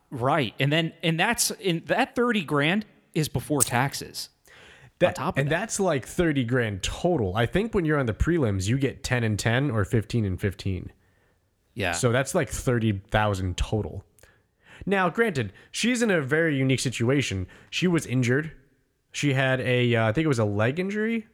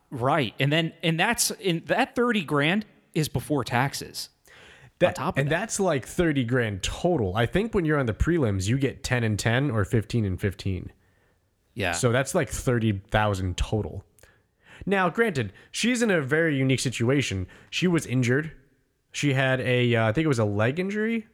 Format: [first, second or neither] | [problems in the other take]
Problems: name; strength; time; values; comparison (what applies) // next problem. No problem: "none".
second | jangling keys; noticeable; at 3.5 s; peak 1 dB below the speech